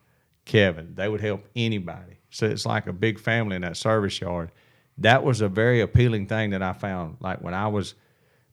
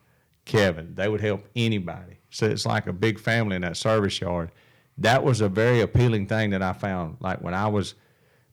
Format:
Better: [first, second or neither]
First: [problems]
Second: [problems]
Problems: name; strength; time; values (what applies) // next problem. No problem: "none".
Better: first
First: none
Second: distortion; slight; 2% of the sound clipped